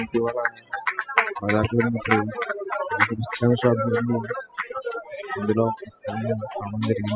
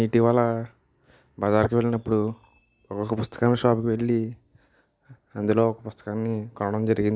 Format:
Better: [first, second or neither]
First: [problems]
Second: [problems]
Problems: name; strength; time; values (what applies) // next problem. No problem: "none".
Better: second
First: noise reduction (classical method spectral subtraction)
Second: none